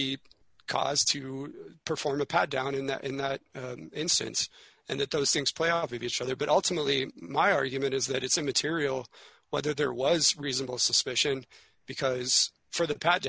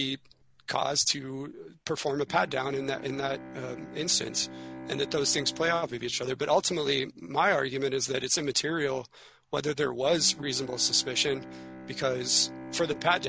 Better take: first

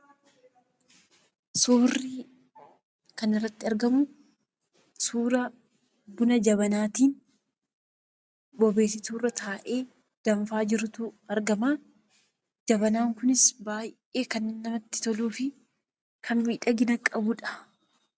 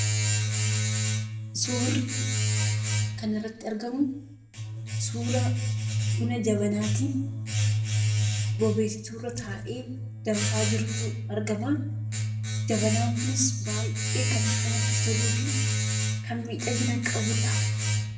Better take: first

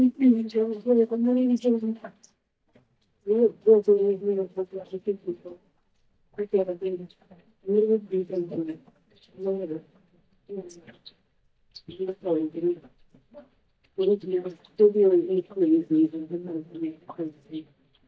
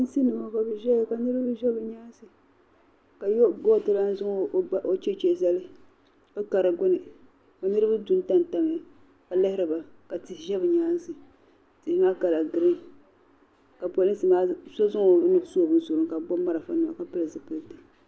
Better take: second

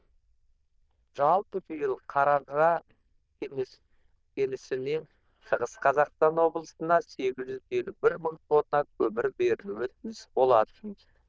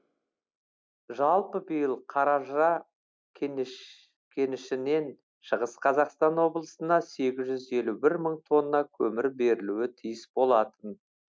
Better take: second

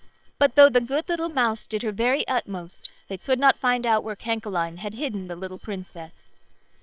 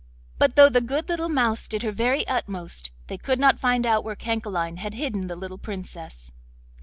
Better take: second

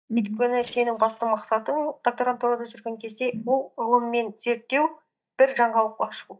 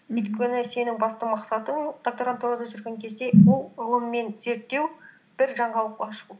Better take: second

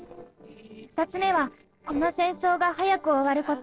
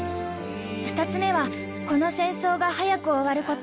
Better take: second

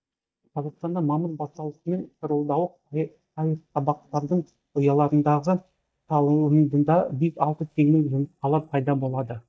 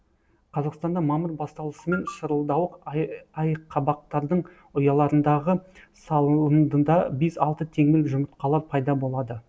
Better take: second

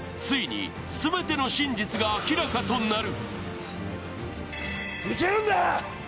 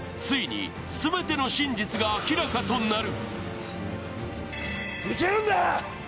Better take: first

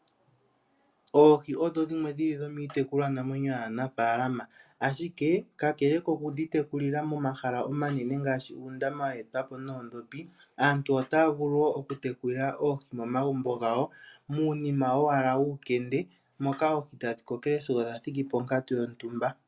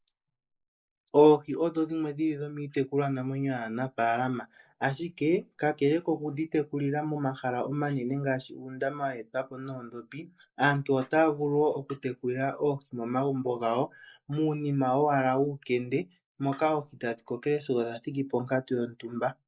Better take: first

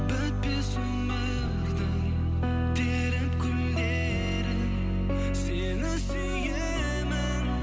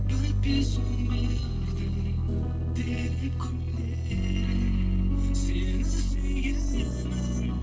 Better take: first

